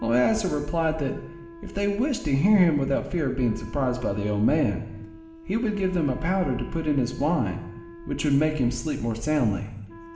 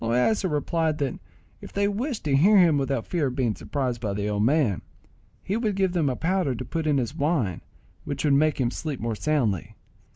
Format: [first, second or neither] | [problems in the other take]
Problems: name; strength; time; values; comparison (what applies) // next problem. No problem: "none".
second | background sound (Wind instrument, woodwind instrument); 19 dB below the speech // room echo; dies away in 0.9 s